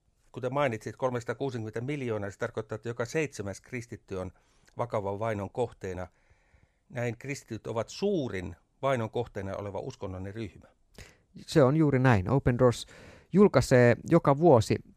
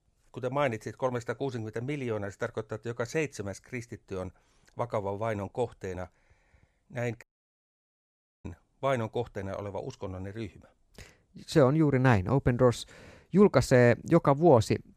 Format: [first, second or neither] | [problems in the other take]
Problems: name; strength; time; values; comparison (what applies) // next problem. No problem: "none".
first | audio cutting out; at 7 s for 1 s